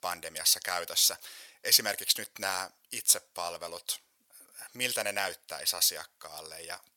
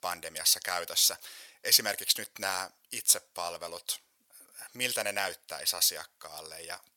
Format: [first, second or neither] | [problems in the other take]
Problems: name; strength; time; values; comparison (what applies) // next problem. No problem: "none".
neither | thin; very; fading below 600 Hz; the same in both